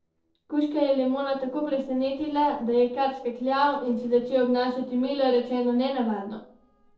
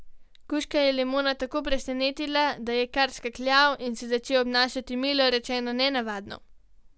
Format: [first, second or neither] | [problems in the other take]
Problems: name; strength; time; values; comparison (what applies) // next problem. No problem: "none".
second | noise reduction (neural separator model SepFormer DNS4)